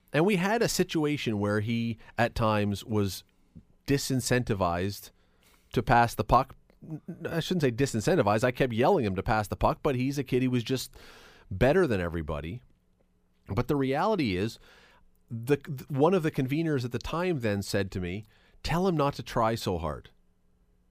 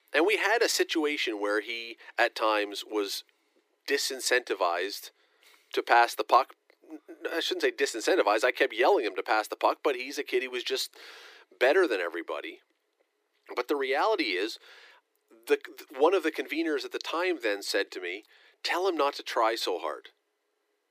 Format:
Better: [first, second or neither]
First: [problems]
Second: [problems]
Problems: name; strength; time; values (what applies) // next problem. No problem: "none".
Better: first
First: none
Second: thin; very; fading below 300 Hz